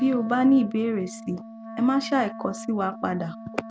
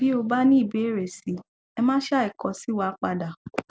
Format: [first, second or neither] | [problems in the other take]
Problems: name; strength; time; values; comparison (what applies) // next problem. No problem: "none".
second | background sound (Wind instrument, woodwind instrument); 14 dB below the speech